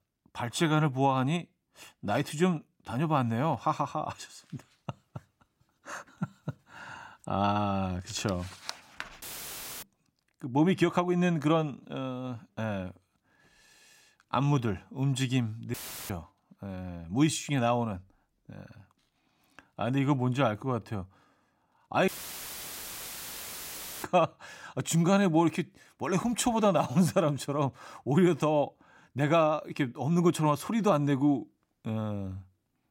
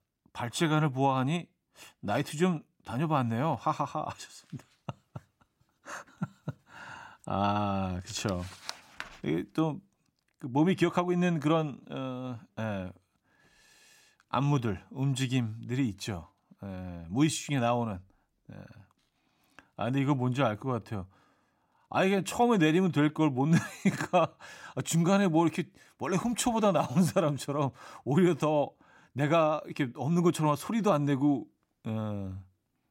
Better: second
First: audio cutting out; filled with static; at 9 s for 0.5 s, at 16 s and at 22 s for 2 s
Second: none

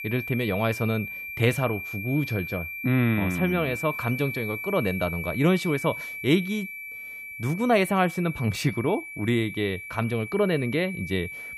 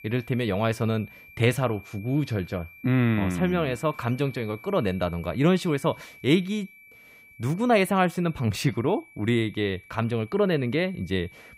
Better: second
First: high-pitched whine; loud; throughout; 2.5 kHz, 8 dB below the speech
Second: high-pitched whine; faint; throughout; 2.5 kHz, 20 dB below the speech

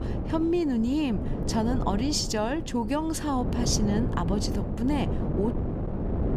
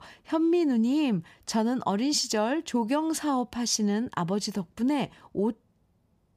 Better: second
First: wind noise on the microphone; heavy; 7 dB below the speech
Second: none

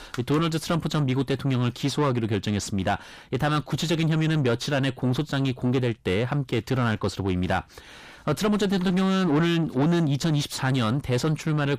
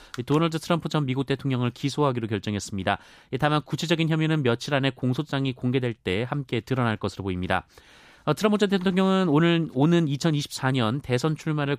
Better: second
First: distortion; heavy; 7 dB below the speech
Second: none

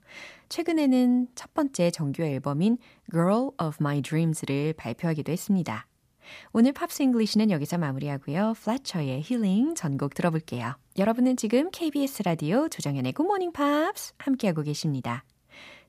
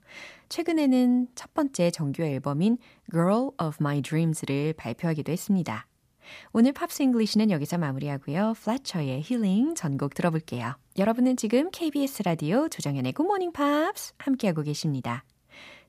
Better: neither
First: none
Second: none

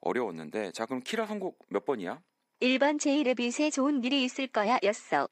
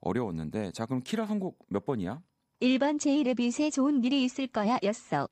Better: second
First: thin; very slightly; fading below 400 Hz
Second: none

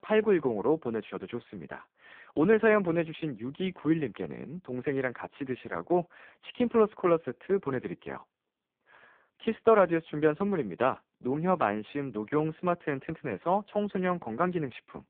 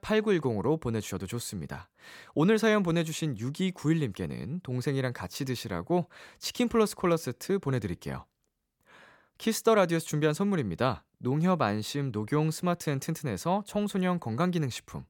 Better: second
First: phone-call audio; poor line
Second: none

